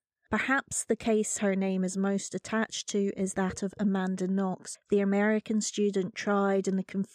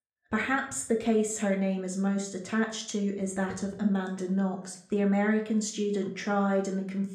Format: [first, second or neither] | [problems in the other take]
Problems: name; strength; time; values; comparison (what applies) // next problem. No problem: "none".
first | room echo; slight; dies away in 0.4 s // off-mic speech; somewhat distant